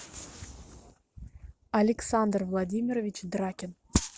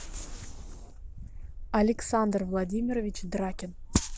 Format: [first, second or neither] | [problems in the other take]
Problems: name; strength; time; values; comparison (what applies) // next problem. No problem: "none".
first | background sound (Bark); 9 dB below the speech